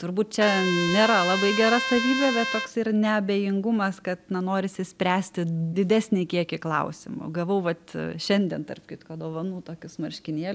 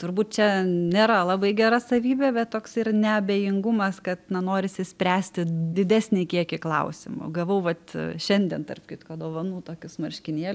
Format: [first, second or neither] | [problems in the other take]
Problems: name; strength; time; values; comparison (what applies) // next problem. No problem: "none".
second | background sound (Trumpet); 4 dB below the speech